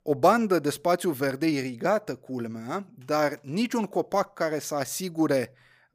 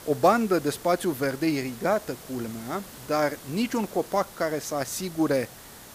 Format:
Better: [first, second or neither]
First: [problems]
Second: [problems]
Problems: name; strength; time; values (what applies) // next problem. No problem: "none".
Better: first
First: none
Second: hiss; noticeable; throughout; 15 dB below the speech